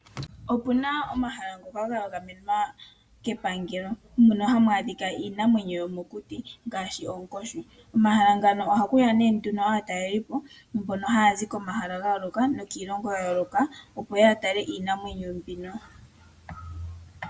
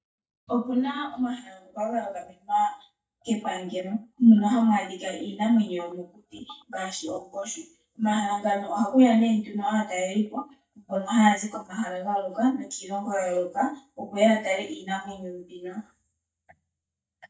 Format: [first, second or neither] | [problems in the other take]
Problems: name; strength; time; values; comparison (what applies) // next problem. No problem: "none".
first | noise reduction (neural mask model DeepFilterNet 3)